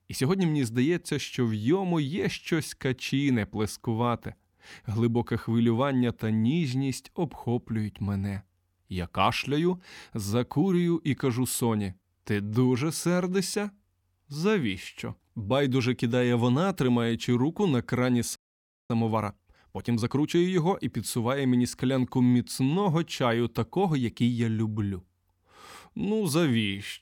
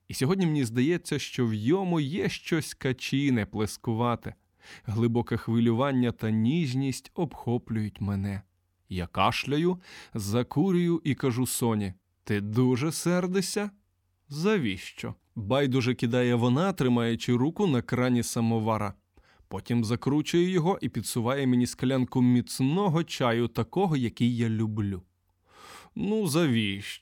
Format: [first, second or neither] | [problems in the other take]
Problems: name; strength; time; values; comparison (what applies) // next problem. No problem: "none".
second | audio freezing; at 18 s for 0.5 s